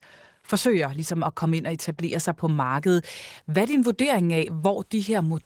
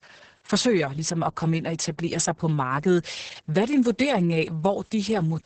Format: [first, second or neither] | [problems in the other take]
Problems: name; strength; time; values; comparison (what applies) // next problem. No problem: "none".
first | garbled, watery; badly; nothing above 8 kHz; slightly in the first